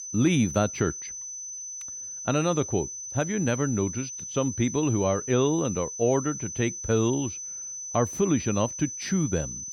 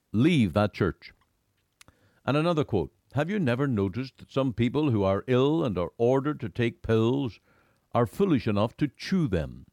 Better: second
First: high-pitched whine; loud; throughout; 6 kHz, 7 dB below the speech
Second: none

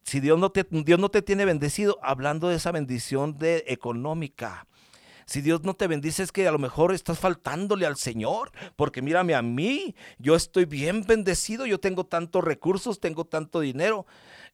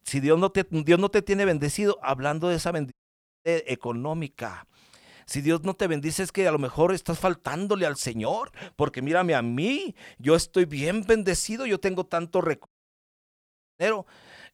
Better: first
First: none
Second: audio cutting out; at 3 s for 0.5 s and at 13 s for 1 s

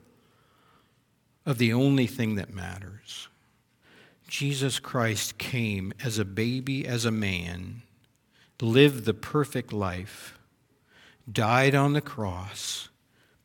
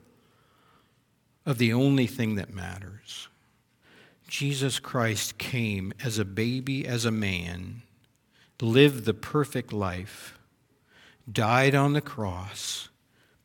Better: neither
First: none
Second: none

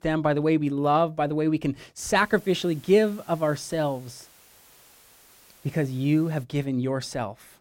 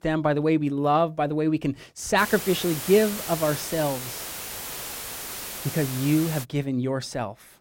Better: first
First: hiss; faint; from 2 to 6.5 s; 25 dB below the speech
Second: hiss; loud; from 2 to 6.5 s; 8 dB below the speech

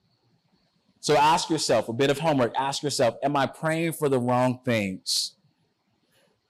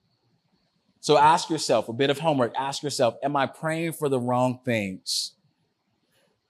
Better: second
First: distortion; slight; 5% of the sound clipped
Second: none

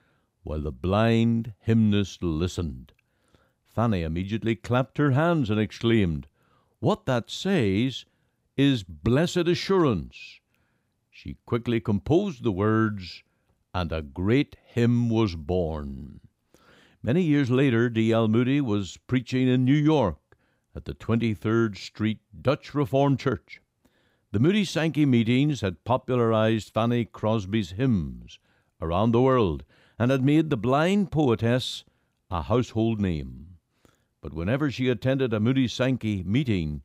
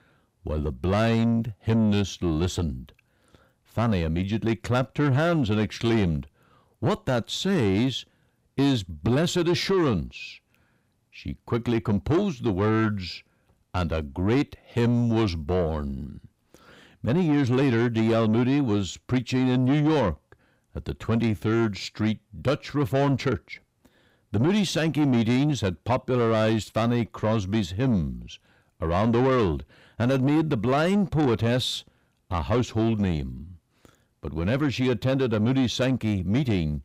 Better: first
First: none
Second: distortion; slight; 10 dB below the speech

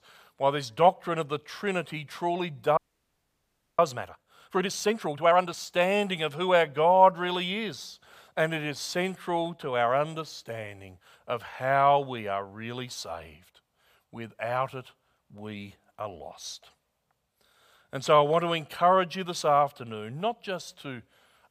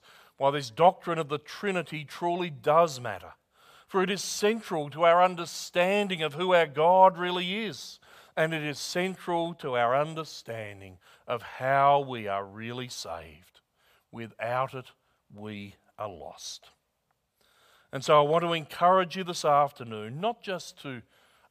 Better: second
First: audio freezing; at 3 s for 1 s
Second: none

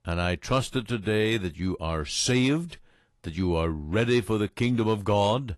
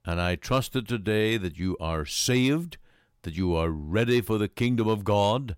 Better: second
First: garbled, watery; slightly; nothing above 11.5 kHz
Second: none

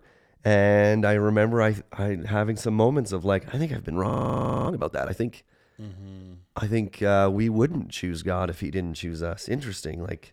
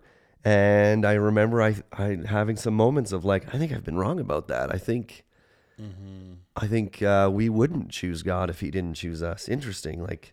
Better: second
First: audio freezing; at 4 s for 0.5 s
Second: none

